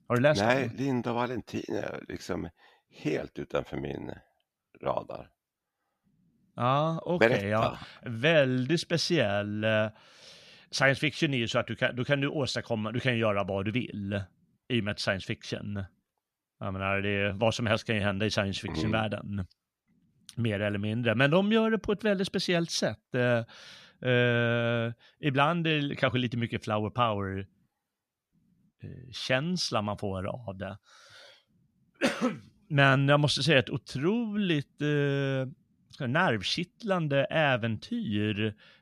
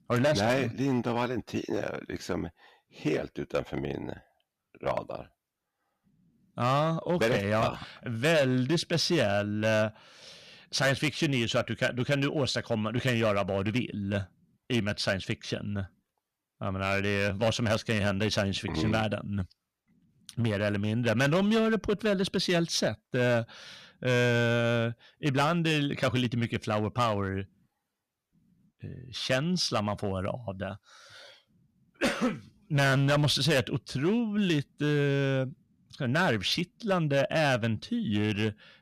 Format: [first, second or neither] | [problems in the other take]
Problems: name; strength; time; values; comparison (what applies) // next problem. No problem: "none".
first | distortion; slight; 5% of the sound clipped